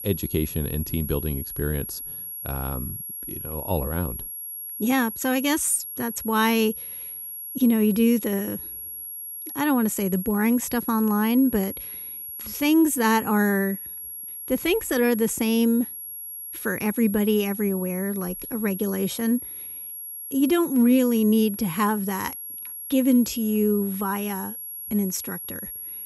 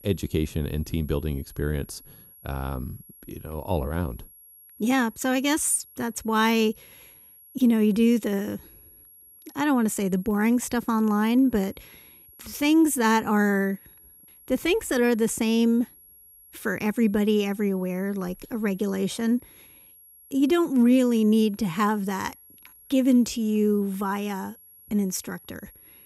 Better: second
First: high-pitched whine; loud; throughout; 11.5 kHz, 9 dB below the speech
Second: high-pitched whine; faint; throughout; 11.5 kHz, 25 dB below the speech

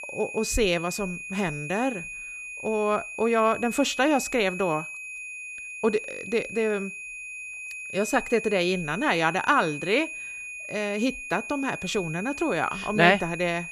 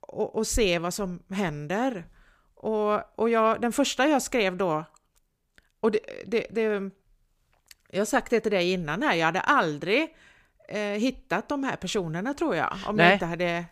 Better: second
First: high-pitched whine; loud; throughout; 2.5 kHz, 9 dB below the speech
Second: none

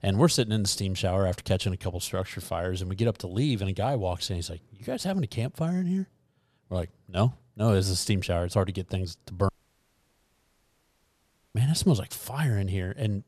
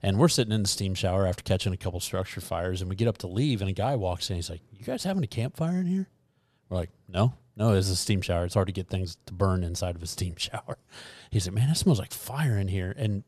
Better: second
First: audio cutting out; at 9.5 s for 2 s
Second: none

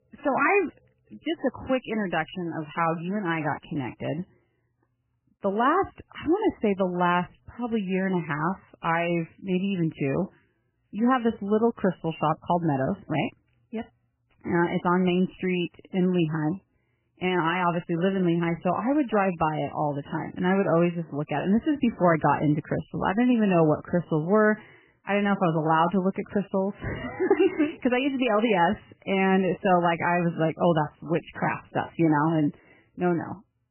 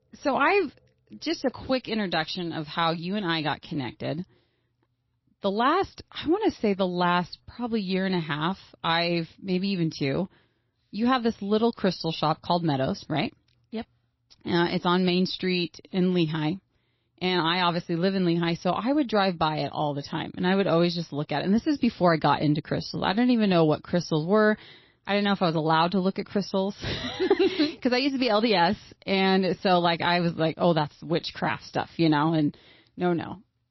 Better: second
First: garbled, watery; badly; nothing above 3 kHz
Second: garbled, watery; slightly; nothing above 5.5 kHz

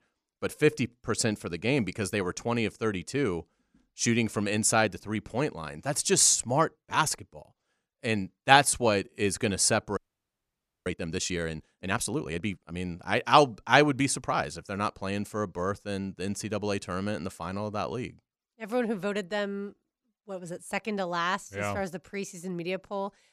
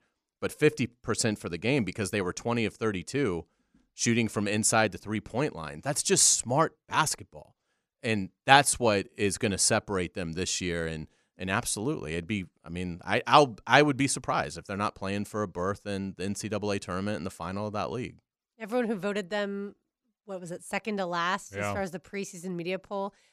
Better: second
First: audio freezing; at 10 s for 1 s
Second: none

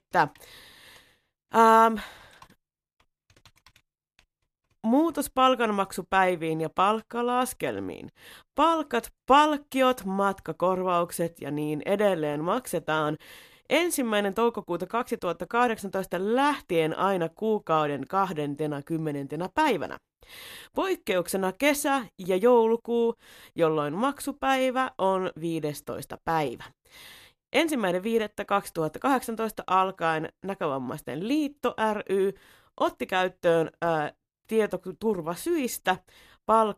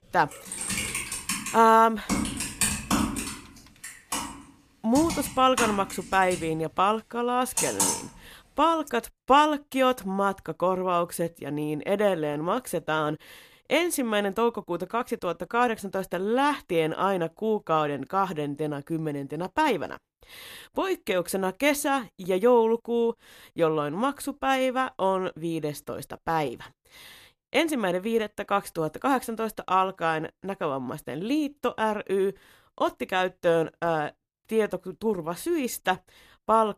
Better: first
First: none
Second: keyboard typing; loud; from 0.5 to 8 s; peak 3 dB above the speech

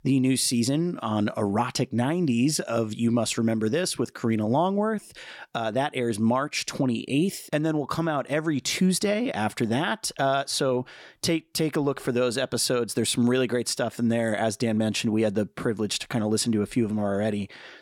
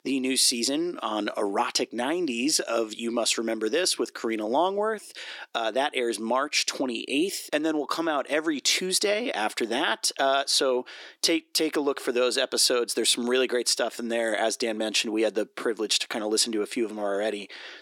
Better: first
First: none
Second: thin; somewhat; fading below 300 Hz

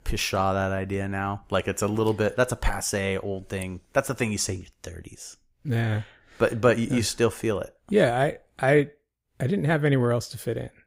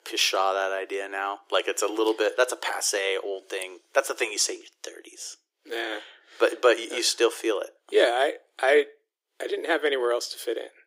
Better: first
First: none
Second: thin; very; fading below 300 Hz

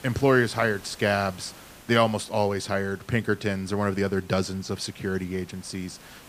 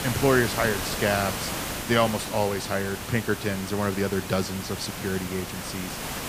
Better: first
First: hiss; faint; throughout; 20 dB below the speech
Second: hiss; loud; throughout; 5 dB below the speech

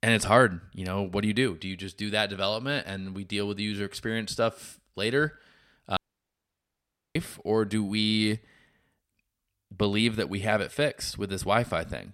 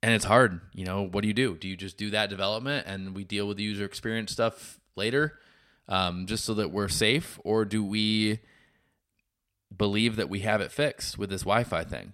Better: second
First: audio cutting out; at 6 s for 1 s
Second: none

